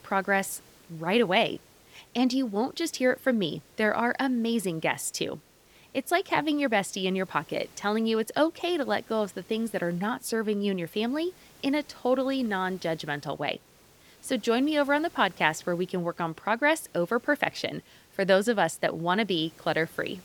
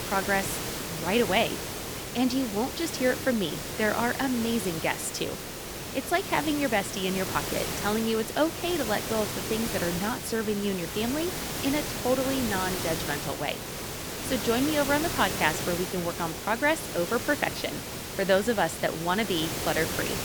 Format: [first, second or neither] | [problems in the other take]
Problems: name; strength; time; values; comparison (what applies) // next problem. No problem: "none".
first | hiss; loud; throughout; 4 dB below the speech; faint in the first